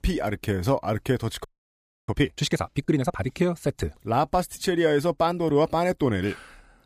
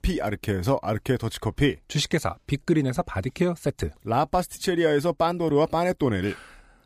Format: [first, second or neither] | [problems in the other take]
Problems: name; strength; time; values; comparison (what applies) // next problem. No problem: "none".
second | audio freezing; at 1.5 s for 0.5 s